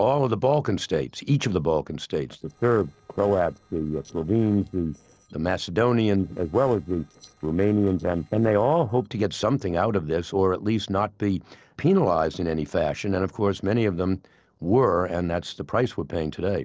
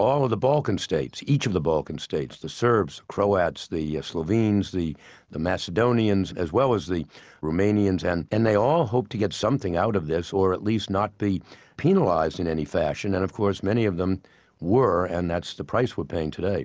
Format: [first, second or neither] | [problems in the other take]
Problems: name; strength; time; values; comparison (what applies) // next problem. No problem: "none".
second | noise reduction (neural separator model SepFormer DNS4)